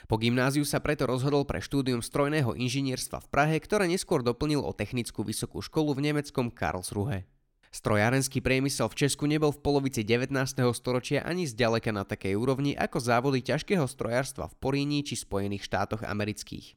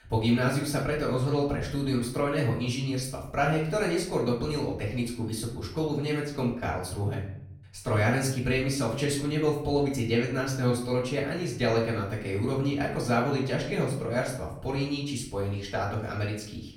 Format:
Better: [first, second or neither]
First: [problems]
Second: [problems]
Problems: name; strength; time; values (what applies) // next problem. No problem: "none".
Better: first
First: none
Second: room echo; noticeable; dies away in 0.6 s // off-mic speech; far